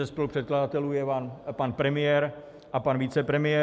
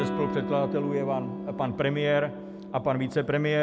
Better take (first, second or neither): first